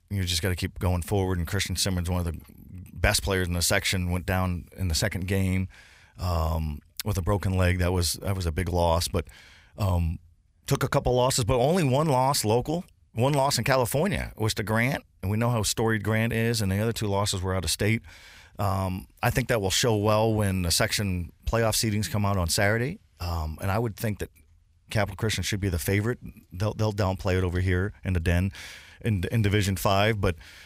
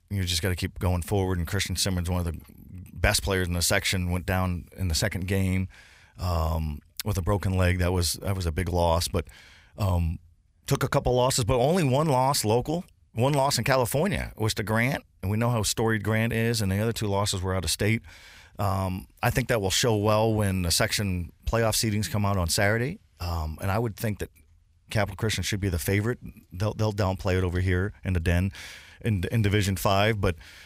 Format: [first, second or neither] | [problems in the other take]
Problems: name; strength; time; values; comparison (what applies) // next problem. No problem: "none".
neither | none